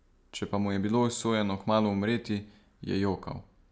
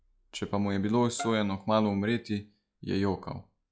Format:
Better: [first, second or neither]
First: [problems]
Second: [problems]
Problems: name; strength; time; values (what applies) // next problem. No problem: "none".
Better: first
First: none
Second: noise reduction (classical method log-MMSE)